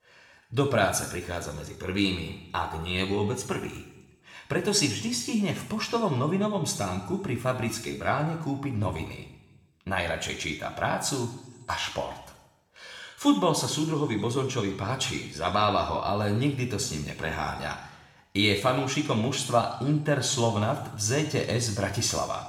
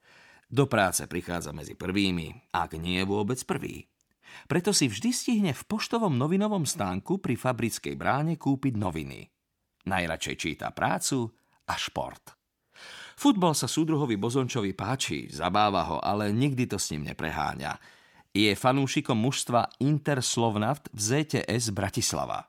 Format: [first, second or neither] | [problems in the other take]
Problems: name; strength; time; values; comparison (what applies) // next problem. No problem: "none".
second | room echo; noticeable; dies away in 0.8 s // off-mic speech; somewhat distant